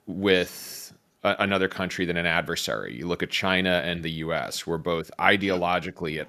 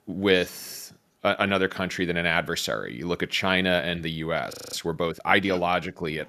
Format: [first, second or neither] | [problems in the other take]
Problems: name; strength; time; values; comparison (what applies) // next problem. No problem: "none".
first | audio freezing; at 4.5 s